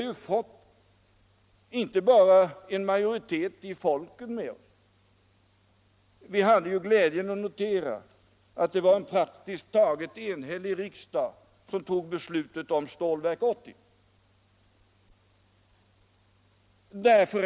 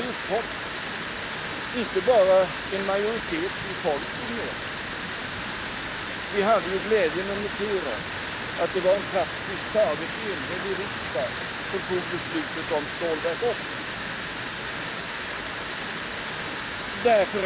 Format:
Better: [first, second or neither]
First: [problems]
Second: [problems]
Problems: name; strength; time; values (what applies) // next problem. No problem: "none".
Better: first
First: none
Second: background sound (Water); 4 dB below the speech